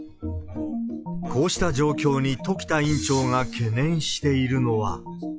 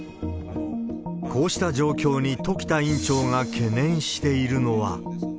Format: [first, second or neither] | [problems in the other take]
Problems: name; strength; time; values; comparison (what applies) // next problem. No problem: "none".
second | noise reduction (classical method log-MMSE)